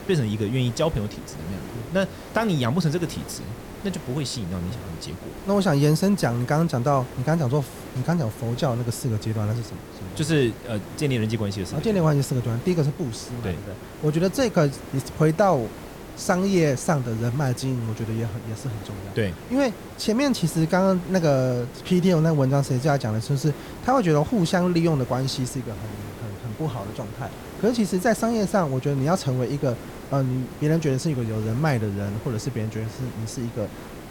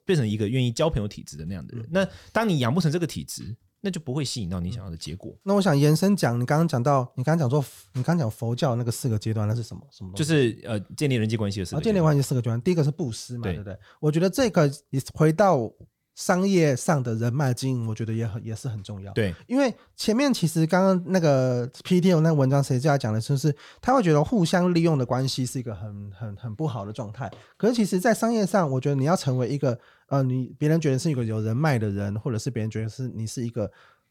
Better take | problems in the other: second | hiss; noticeable; throughout; 15 dB below the speech

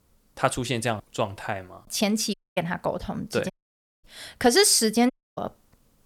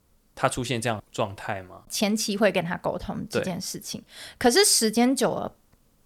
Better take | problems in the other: second | audio cutting out; at 2.5 s, at 3.5 s for 0.5 s and at 5 s

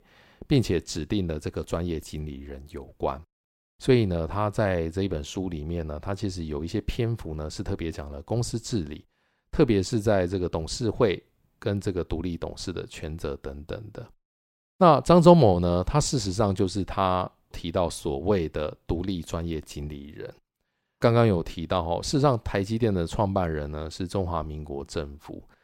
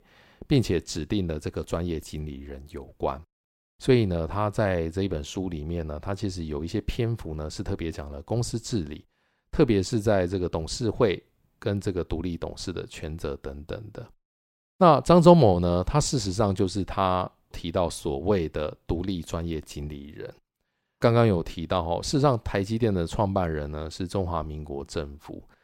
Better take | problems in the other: neither | none

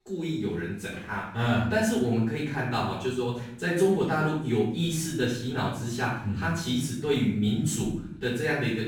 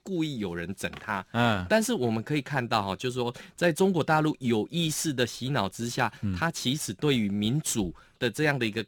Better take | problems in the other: second | off-mic speech; far // room echo; noticeable; dies away in 0.6 s

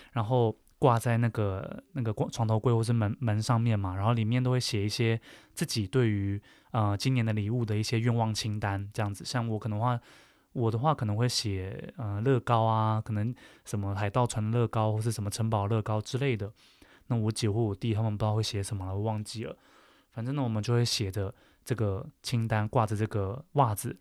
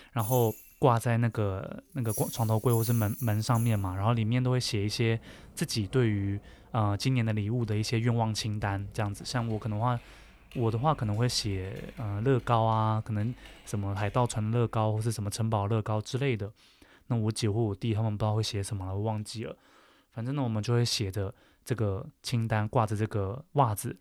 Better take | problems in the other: first | household noises; noticeable; until 14 s; 15 dB below the speech

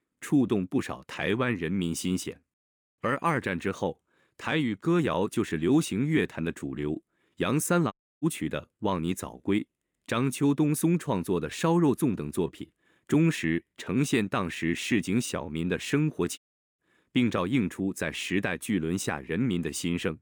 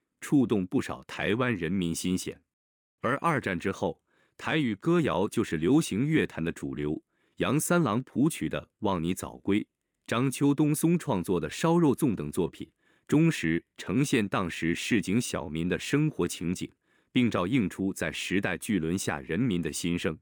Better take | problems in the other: second | audio cutting out; at 8 s and at 16 s

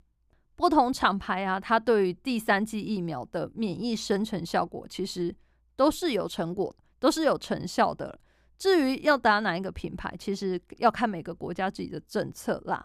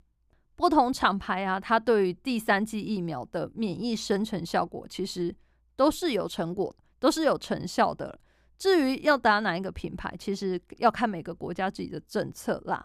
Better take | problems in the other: neither | none

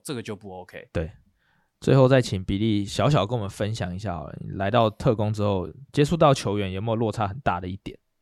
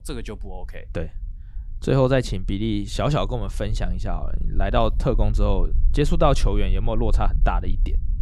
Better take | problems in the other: first | low rumble; faint; throughout; 25 dB below the speech

